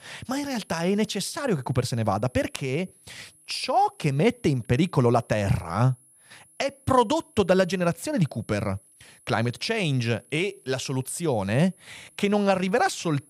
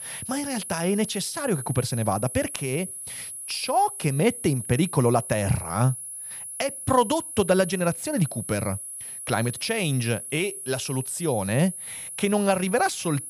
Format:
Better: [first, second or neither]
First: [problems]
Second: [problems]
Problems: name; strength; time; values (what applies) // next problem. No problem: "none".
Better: first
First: high-pitched whine; faint; throughout; 10.5 kHz, 30 dB below the speech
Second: high-pitched whine; loud; throughout; 10.5 kHz, 8 dB below the speech